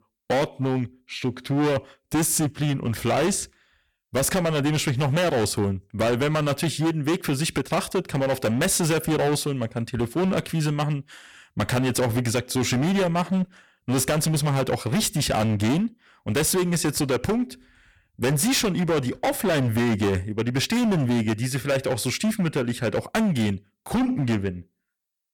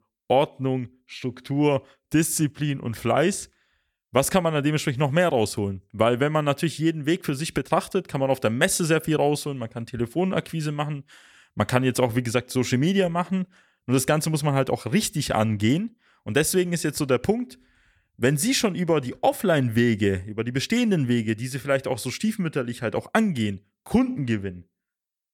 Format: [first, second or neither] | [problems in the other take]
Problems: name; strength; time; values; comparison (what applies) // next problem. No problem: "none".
second | distortion; heavy; 20% of the sound clipped